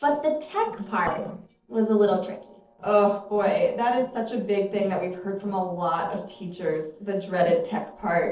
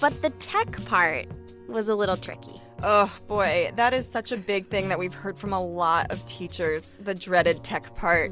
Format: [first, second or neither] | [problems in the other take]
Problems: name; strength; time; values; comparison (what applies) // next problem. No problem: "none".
second | noise reduction (neural separator model SepFormer DNS4)